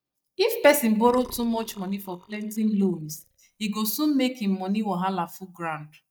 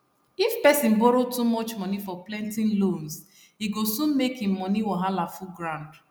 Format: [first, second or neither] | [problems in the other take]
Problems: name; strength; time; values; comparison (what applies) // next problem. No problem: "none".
second | noise reduction (neural mask model DeepFilterNet 3)